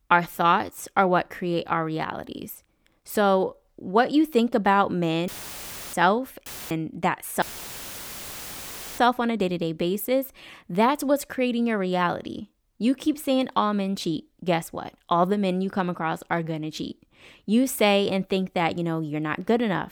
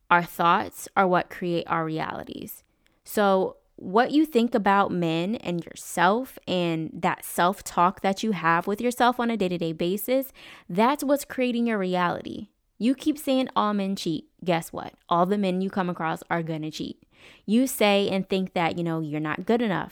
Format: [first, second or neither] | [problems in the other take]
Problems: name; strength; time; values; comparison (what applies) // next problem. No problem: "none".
second | audio cutting out; filled with static; at 5.5 s for 0.5 s, at 6.5 s and at 7.5 s for 1.5 s